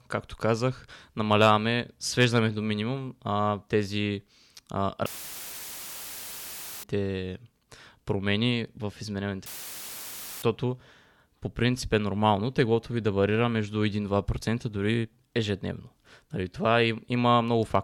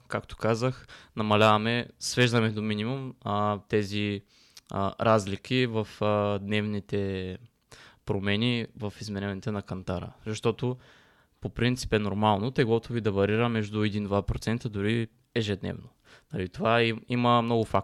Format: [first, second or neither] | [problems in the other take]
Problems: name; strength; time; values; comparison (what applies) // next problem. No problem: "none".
second | audio cutting out; filled with static; at 5 s for 2 s and at 9.5 s for 1 s